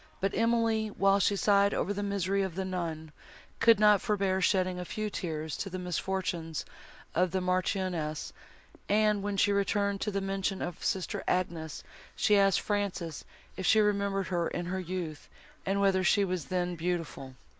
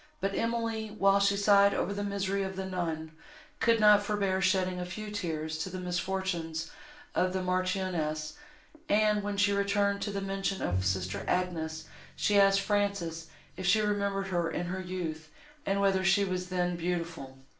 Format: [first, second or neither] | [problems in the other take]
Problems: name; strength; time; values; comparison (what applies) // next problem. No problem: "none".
first | noise reduction (neural separator model SepFormer DNS4)